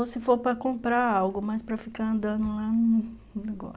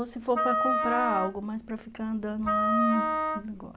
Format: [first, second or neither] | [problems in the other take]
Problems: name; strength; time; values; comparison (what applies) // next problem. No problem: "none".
first | background sound (Wind instrument, woodwind instrument); 2 dB above the speech